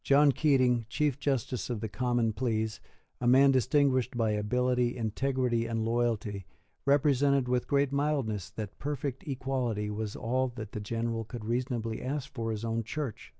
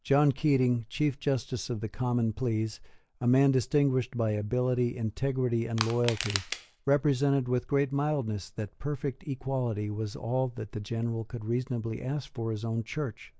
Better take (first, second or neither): first